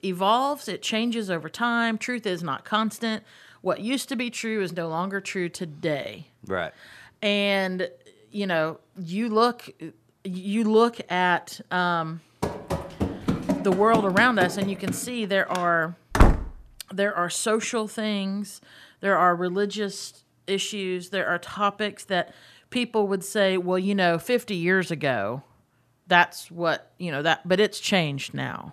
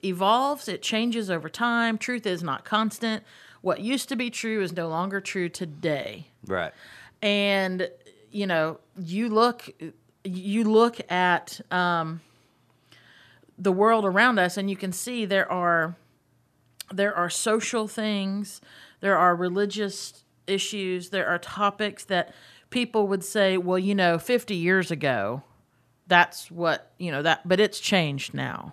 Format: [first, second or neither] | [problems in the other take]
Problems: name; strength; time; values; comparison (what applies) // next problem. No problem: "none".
second | door banging; loud; from 12 to 16 s; peak 4 dB above the speech